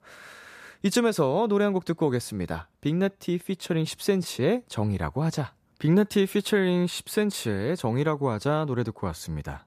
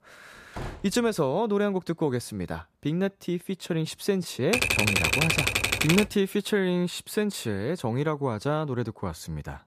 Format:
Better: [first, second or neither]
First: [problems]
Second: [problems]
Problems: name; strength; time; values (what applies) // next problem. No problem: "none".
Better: first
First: none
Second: door banging; faint; at 0.5 s; peak 10 dB below the speech // keyboard typing; loud; from 4.5 to 6 s; peak 6 dB above the speech